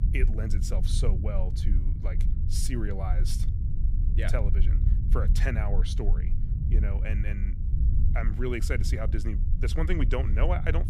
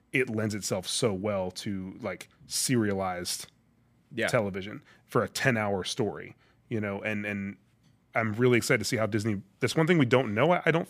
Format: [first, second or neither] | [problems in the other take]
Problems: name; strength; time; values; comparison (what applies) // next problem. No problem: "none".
second | low rumble; loud; throughout; 9 dB below the speech